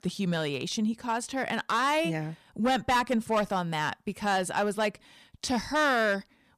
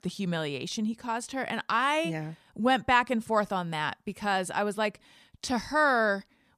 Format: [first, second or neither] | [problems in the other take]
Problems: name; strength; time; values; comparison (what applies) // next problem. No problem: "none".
second | distortion; slight; 6% of the sound clipped